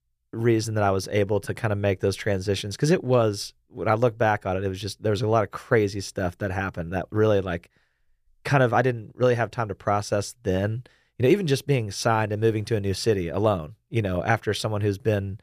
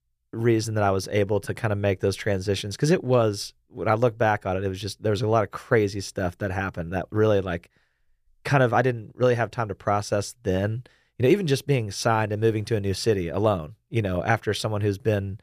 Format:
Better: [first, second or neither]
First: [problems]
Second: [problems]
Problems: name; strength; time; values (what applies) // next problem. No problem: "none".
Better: neither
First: none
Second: none